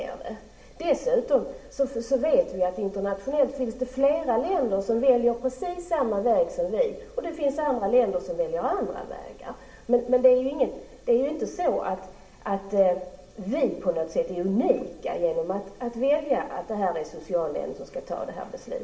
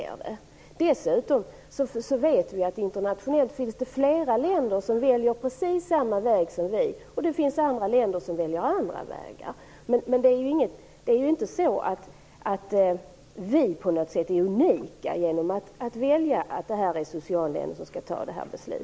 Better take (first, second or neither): second